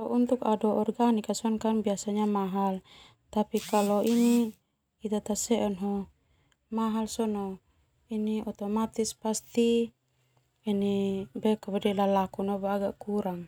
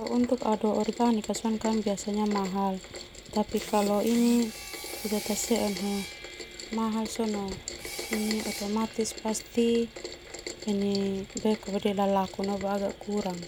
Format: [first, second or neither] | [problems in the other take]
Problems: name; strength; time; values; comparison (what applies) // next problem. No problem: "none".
first | background sound (Sawing + Rain); 12 dB below the speech